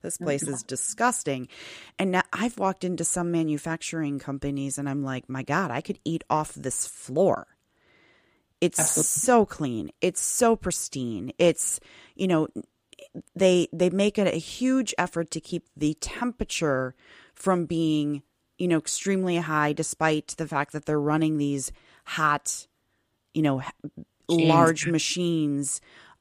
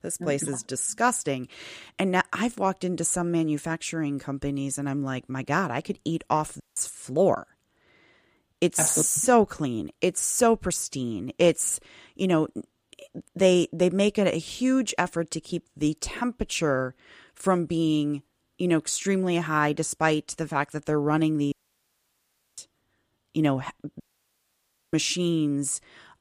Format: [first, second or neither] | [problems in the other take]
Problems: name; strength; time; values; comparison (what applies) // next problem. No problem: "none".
first | audio cutting out; at 6.5 s, at 22 s for 1 s and at 24 s for 1 s